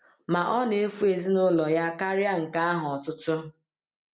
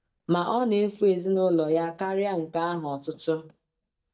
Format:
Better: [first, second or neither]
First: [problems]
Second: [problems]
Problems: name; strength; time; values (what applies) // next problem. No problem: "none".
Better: first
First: none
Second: noise reduction (neural mask model DeepFilterNet 3)